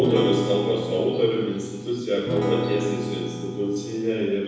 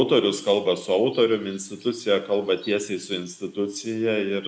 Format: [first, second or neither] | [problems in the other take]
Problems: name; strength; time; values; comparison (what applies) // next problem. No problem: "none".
second | background sound (Acoustic guitar / Strum); 5 dB below the speech // room echo; dies away in 1.1 s